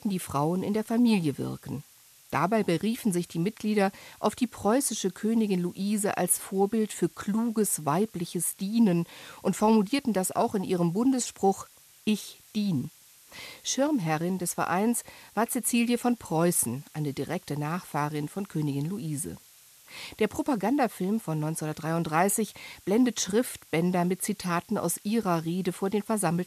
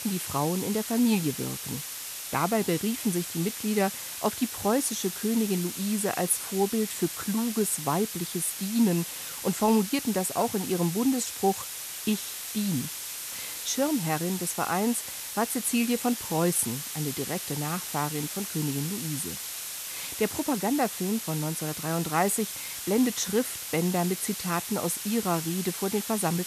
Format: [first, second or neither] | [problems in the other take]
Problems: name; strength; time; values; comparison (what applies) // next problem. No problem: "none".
first | hiss; loud; throughout; 5 dB below the speech; faint in the first